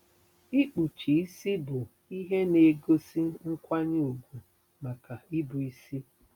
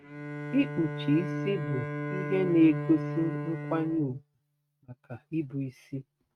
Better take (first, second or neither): first